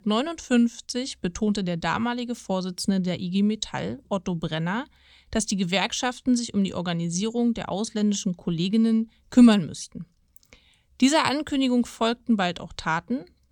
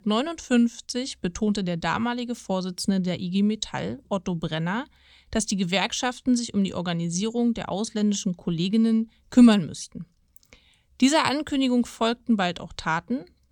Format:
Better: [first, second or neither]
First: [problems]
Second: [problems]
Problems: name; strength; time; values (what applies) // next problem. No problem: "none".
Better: neither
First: none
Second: none